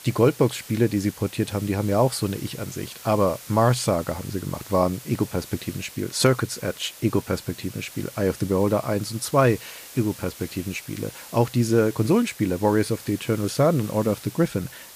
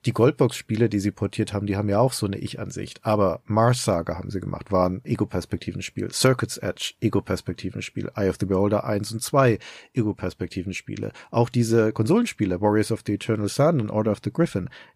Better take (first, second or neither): second